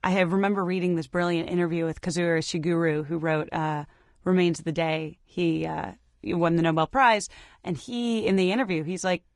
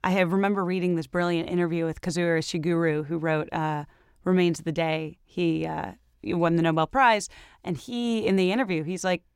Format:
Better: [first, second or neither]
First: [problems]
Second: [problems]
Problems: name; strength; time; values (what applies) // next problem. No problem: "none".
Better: second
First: garbled, watery; slightly; nothing above 10 kHz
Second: none